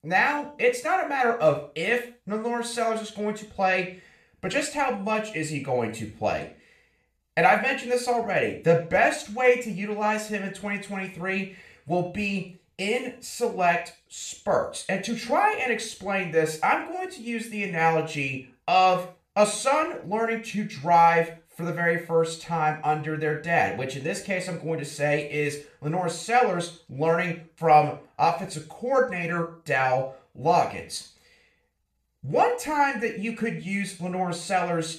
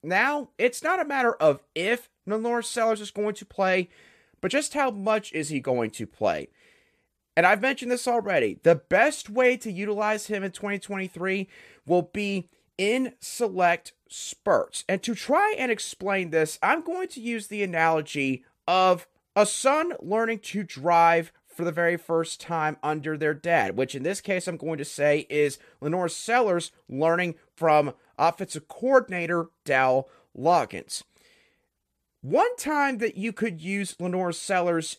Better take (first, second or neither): second